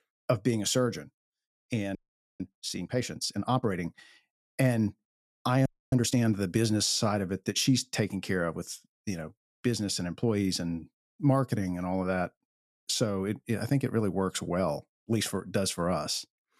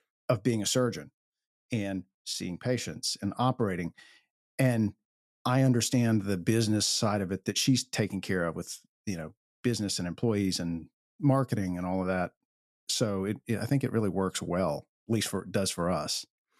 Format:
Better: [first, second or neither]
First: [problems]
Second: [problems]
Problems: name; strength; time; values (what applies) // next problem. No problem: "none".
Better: second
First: audio freezing; at 2 s and at 5.5 s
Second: none